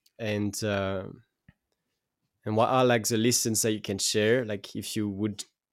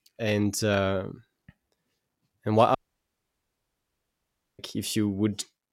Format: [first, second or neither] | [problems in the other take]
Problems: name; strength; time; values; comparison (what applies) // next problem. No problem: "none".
first | audio cutting out; at 3 s for 2 s